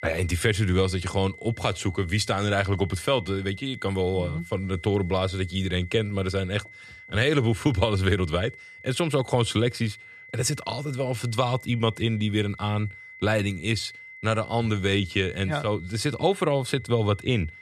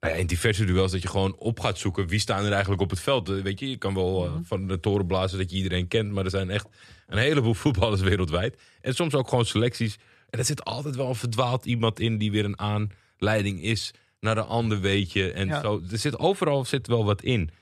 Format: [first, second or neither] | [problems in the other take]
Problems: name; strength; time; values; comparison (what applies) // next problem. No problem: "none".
second | high-pitched whine; noticeable; throughout; 2 kHz, 15 dB below the speech